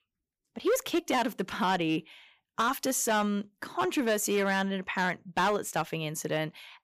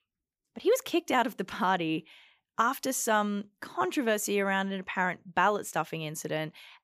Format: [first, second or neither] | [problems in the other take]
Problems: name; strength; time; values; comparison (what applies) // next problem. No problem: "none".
second | distortion; slight; 6% of the sound clipped